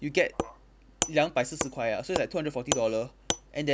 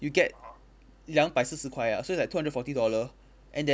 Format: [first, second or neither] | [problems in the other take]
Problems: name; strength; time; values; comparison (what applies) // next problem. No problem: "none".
second | background sound (Wood); 6 dB below the speech